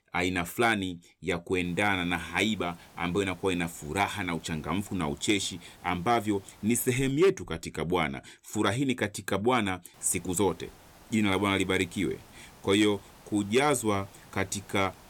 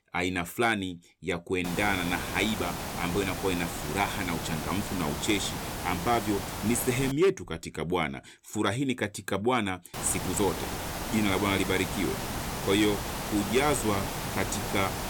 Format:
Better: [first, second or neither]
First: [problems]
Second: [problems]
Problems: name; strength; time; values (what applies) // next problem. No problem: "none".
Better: first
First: hiss; faint; from 1.5 to 7 s and from 10 s on; 25 dB below the speech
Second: hiss; loud; from 1.5 to 7 s and from 10 s on; 5 dB below the speech